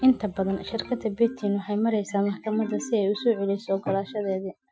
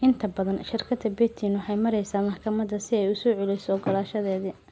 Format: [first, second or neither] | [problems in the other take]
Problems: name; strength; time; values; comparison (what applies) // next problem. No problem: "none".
second | noise reduction (classical method Wiener filter)